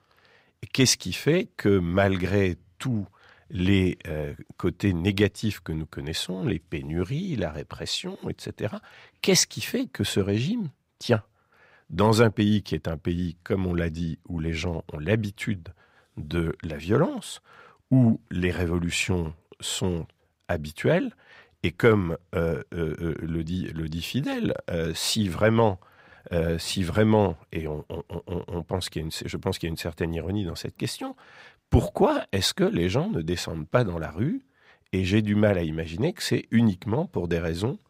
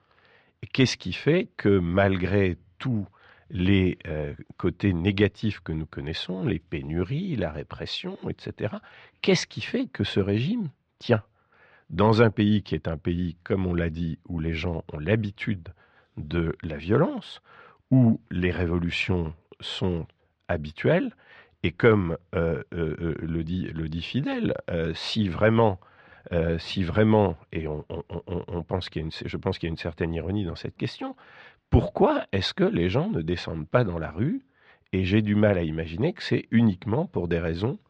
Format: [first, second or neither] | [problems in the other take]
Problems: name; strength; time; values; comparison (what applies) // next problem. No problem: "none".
first | muffled; slightly; fading above 4 kHz